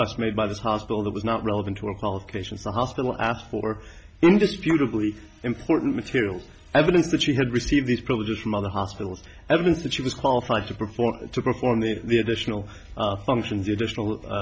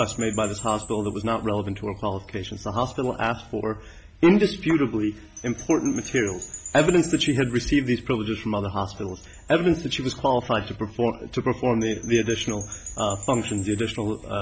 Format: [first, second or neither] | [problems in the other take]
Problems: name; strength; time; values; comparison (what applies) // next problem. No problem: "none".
first | background sound (Wind chime / Percussion); 18 dB below the speech